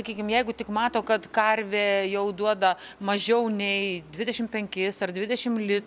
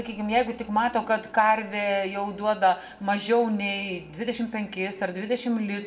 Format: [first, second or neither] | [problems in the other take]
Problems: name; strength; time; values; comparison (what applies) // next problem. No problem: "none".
first | room echo; dies away in 0.7 s